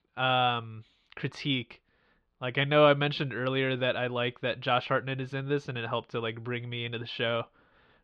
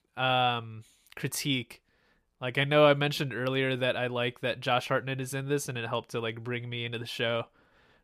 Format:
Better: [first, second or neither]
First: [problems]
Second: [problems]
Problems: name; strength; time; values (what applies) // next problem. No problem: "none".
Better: second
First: muffled; slightly; fading above 4 kHz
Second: none